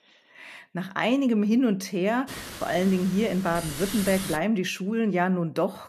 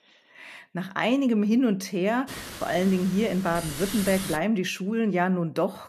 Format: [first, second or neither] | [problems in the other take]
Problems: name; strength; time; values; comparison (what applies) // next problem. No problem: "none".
neither | hiss; noticeable; from 2.5 to 4.5 s; 10 dB below the speech; the same in both